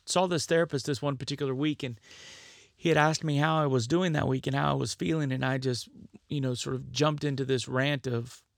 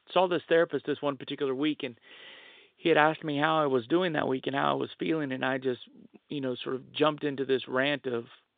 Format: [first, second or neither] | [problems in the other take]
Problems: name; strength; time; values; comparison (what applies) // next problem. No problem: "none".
first | phone-call audio; nothing above 3.5 kHz